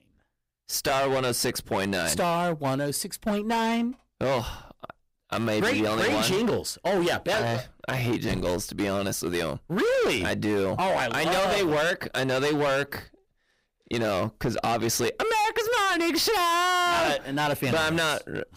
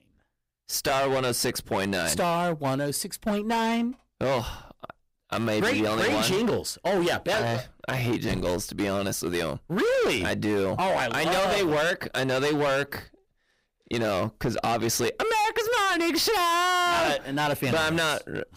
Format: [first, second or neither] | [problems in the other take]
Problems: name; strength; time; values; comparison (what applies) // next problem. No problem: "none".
neither | distortion; heavy; 22% of the sound clipped; the same in both